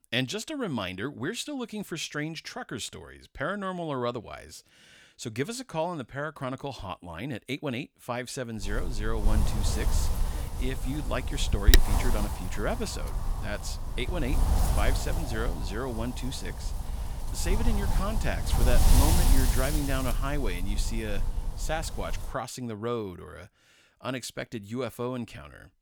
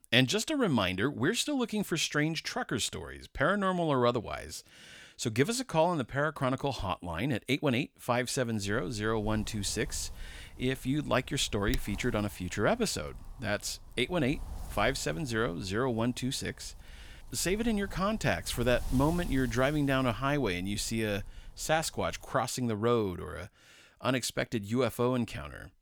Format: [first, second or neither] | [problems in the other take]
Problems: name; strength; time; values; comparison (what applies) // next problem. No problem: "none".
second | wind noise on the microphone; heavy; from 8.5 to 22 s; 2 dB below the speech; occasional gusts in the second